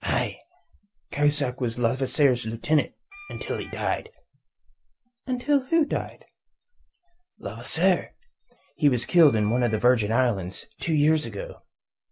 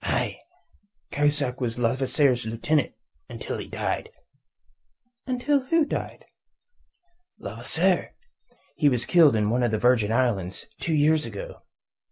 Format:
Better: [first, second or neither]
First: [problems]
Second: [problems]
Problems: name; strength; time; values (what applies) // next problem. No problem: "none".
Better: second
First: background sound (Wind instrument, woodwind instrument); 20 dB below the speech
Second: none